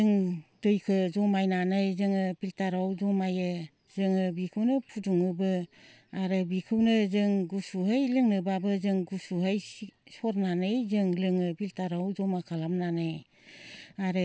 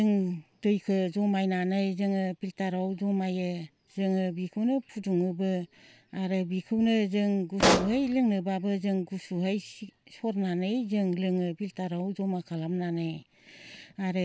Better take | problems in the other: first | background sound (Explosion); 1 dB above the speech

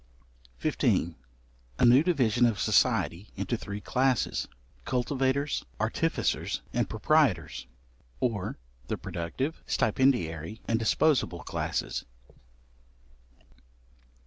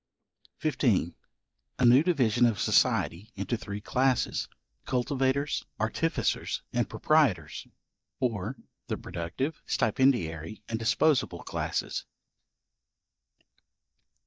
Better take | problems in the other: first | noise reduction (neural mask model DeepFilterNet 3)

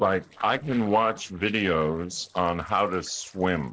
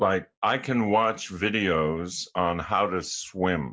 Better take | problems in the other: second | noise reduction (neural separator model SepFormer DNS4)

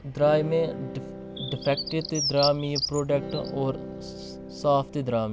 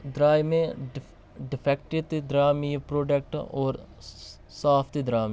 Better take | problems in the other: second | background sound (Electric guitar / Strum + Bird); 8 dB below the speech

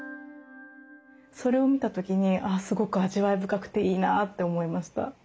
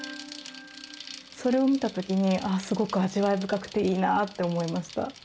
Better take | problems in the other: first | background sound (Bicycle); 18 dB below the speech

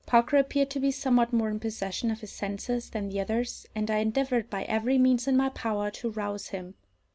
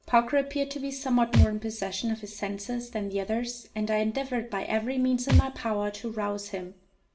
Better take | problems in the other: first | background sound (Thump, thud); 4 dB below the speech // room echo; dies away in 0.4 s

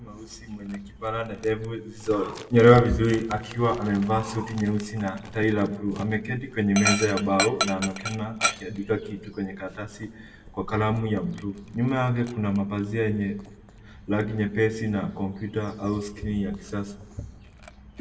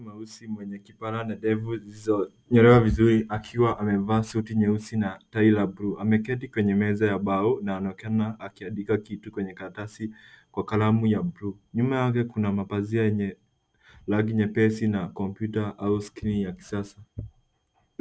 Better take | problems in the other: second | background sound (Dog); 11 dB below the speech // room echo; dies away in 0.7 s

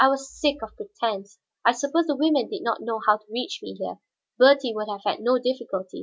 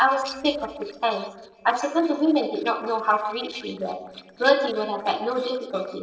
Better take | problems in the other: first | noise reduction (neural separator model SepFormer DNS4)

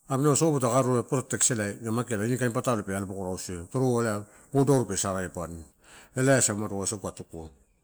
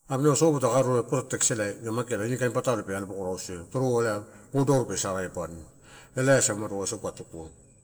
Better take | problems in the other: first | room echo; dies away in 0.6 s

